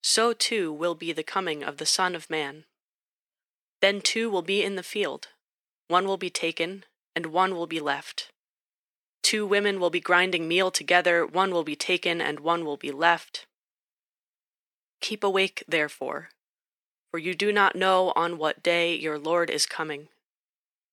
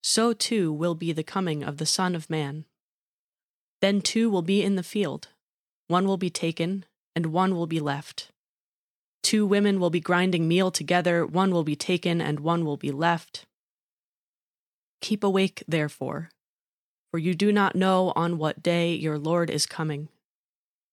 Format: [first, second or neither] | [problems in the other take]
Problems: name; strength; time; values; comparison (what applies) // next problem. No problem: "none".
second | thin; somewhat; fading below 450 Hz